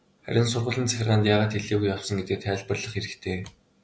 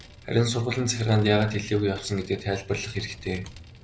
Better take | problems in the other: first | background sound (Vehicle); 19 dB below the speech

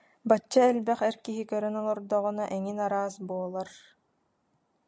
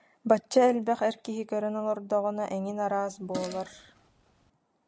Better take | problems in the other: first | background sound (Fart); 16 dB below the speech

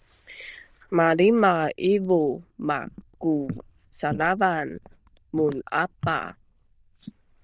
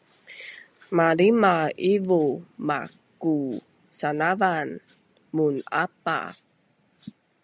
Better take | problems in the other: second | noise reduction (neural diffusion model UNIVERSE++)

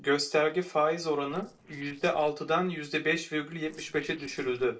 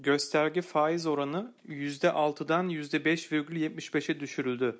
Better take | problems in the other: second | noise reduction (neural separator model SepFormer DNS4)

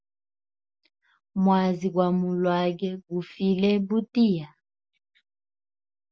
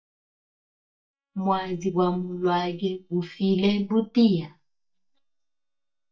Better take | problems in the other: first | noise reduction (neural mask model DeepFilterNet 3)

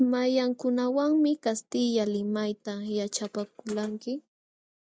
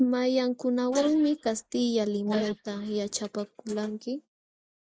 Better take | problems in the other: first | noise reduction (neural mask model Resemble Enhance denoiser)

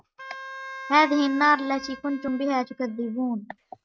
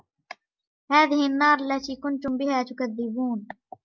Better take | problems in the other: second | noise reduction (neural mask model RNNoise)

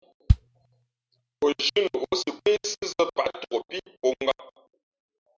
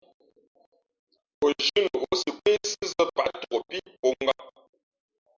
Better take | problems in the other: second | noise reduction (neural mask model RNNoise)

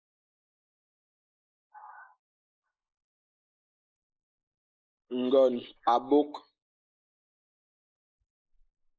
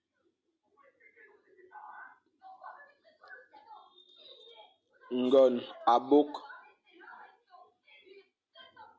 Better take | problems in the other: second | noise reduction (neural mask model Resemble Enhance denoiser)

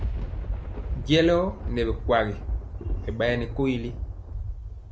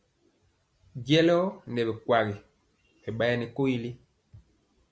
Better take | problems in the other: second | background sound (Thunder); 4 dB below the speech

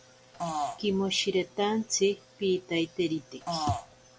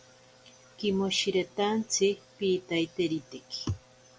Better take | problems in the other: second | background sound (Fart); 4 dB below the speech

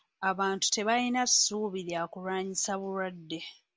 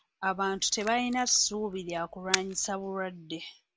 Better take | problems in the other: first | background sound (Camera); 9 dB below the speech

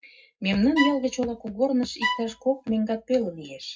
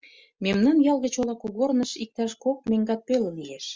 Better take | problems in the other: second | background sound (Bowed string instrument); 6 dB below the speech // room echo; dies away in 0.3 s

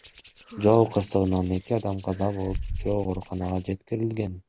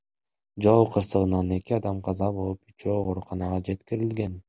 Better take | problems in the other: second | background sound (Hands); 13 dB below the speech

